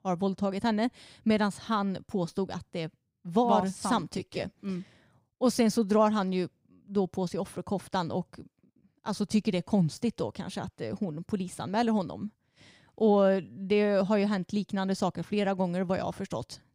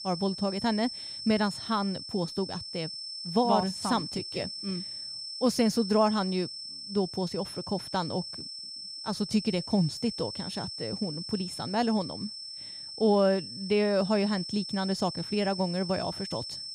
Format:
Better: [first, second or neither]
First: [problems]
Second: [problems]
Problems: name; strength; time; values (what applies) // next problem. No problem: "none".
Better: first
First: none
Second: high-pitched whine; loud; throughout; 5.5 kHz, 7 dB below the speech